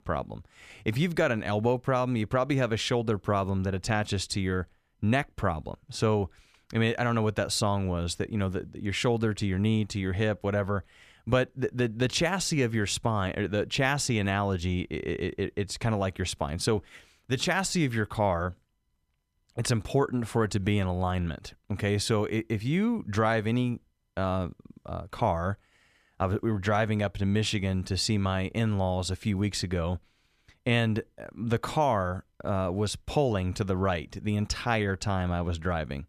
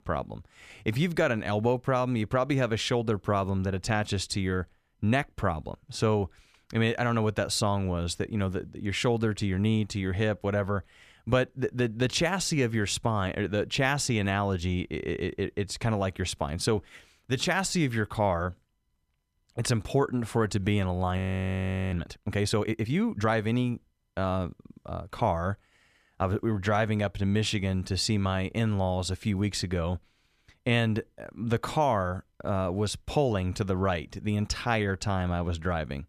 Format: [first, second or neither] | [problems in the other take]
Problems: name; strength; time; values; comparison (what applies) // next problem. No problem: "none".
first | audio freezing; at 21 s for 0.5 s